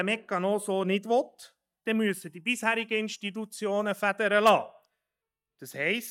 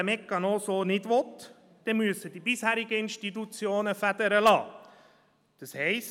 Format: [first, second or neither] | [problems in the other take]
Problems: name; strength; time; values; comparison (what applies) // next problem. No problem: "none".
second | noise reduction (neural mask model DeepFilterNet 3)